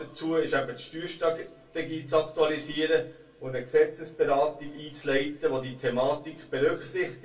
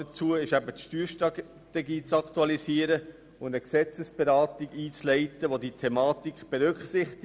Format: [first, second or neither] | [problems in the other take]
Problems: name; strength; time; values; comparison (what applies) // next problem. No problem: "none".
second | room echo; dies away in 0.2 s